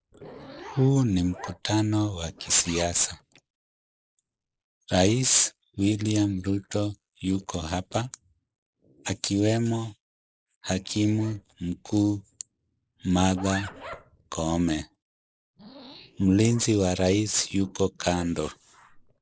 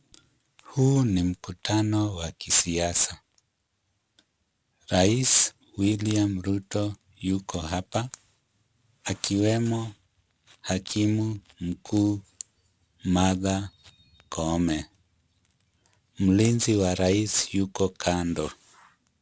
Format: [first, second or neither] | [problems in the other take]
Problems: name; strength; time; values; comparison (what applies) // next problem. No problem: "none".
second | noise reduction (neural mask model Resemble Enhance denoiser)